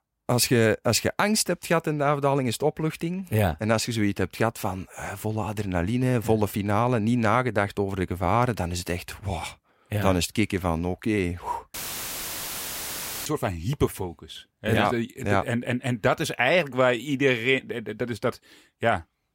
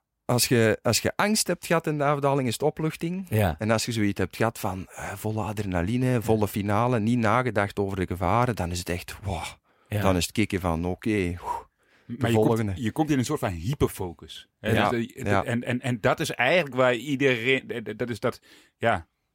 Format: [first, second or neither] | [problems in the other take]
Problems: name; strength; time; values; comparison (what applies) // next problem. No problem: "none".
second | audio cutting out; filled with static; at 12 s for 1.5 s